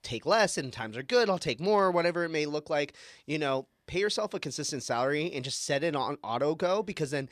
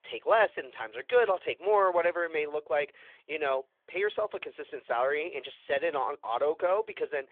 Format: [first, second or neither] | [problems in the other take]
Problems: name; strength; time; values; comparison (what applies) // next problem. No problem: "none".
first | phone-call audio; nothing above 3.5 kHz